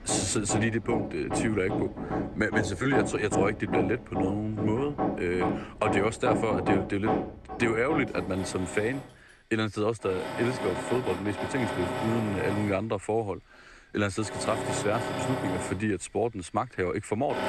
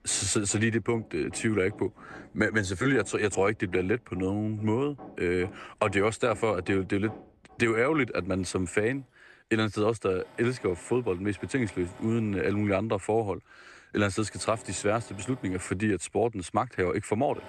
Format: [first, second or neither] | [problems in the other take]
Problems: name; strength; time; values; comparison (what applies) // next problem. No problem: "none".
second | machinery noise; loud; throughout; 3 dB below the speech; faint in the second